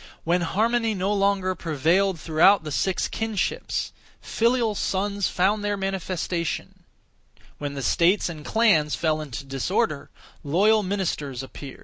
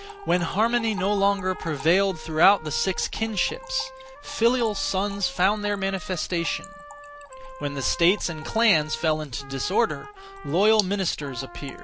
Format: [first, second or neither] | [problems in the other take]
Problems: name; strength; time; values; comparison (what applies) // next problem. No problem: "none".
first | background sound (Trumpet + Trickle, dribble / Splash, splatter); 15 dB below the speech